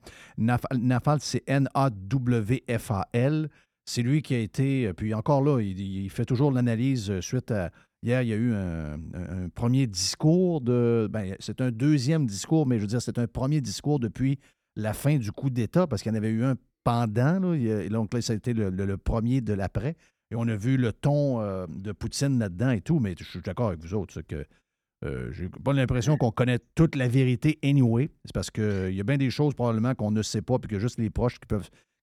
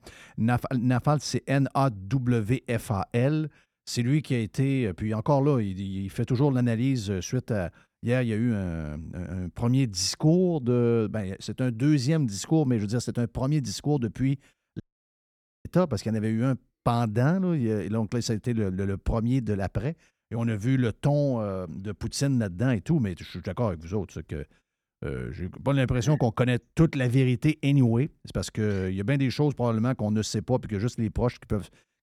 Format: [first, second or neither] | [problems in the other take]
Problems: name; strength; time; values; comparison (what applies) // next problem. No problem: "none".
first | audio cutting out; at 15 s for 1 s